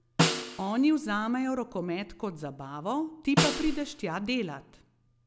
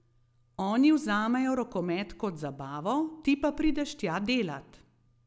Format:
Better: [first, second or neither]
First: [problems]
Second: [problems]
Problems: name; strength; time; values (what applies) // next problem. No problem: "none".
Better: second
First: background sound (Snare drum); 2 dB below the speech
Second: none